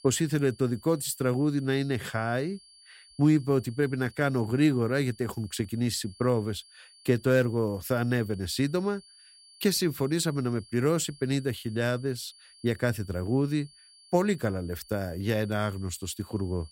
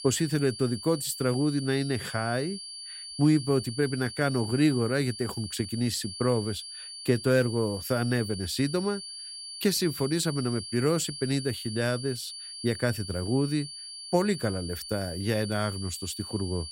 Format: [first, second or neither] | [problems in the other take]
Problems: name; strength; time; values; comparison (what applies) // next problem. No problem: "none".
first | high-pitched whine; loud; throughout; 4.5 kHz, 10 dB below the speech; faint in the first